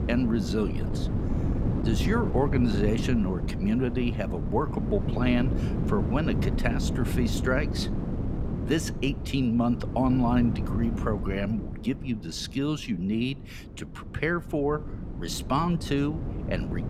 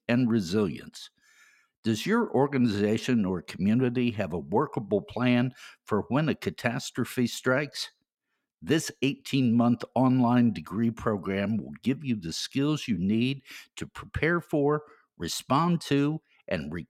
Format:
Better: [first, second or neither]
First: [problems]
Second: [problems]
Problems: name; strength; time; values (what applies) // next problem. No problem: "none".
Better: second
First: wind noise on the microphone; heavy; 7 dB below the speech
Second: none